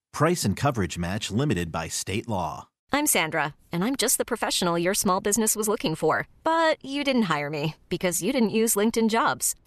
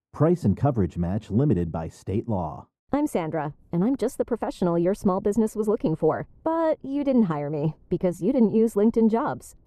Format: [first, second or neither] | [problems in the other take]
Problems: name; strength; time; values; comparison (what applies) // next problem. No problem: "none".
first | muffled; very; fading above 1 kHz